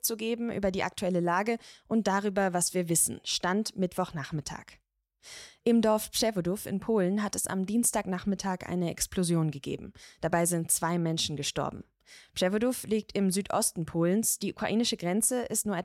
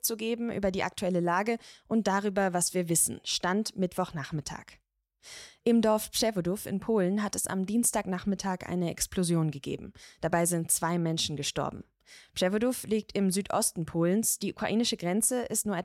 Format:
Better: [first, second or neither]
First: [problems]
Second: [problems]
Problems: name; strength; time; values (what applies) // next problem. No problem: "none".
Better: neither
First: none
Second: none